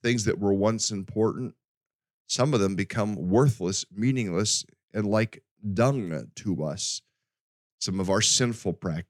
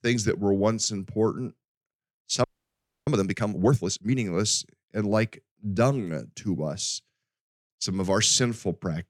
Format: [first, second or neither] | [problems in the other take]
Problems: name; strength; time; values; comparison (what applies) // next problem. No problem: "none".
first | audio freezing; at 2.5 s for 0.5 s